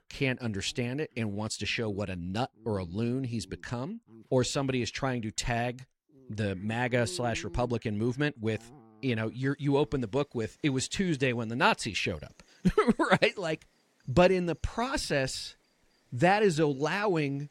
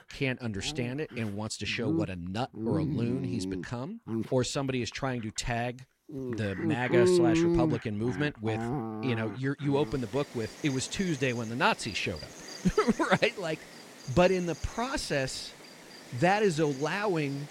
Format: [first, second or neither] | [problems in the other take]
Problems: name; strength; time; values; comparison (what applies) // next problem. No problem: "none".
first | animal sounds; loud; throughout; 3 dB below the speech; faint in the first